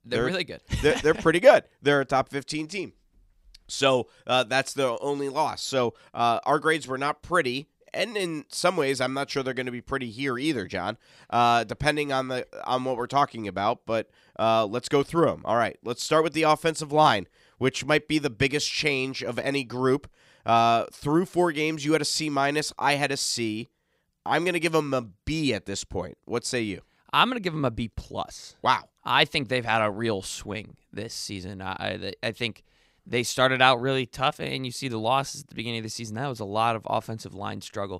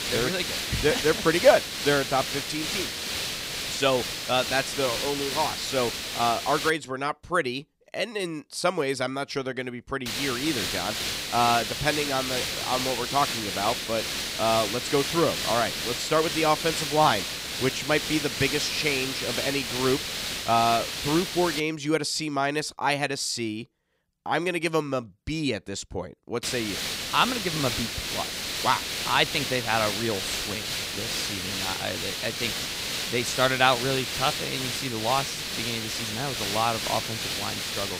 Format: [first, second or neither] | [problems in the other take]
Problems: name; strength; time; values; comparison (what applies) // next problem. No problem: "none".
first | hiss; loud; until 6.5 s, from 10 to 22 s and from 26 s on; 2 dB below the speech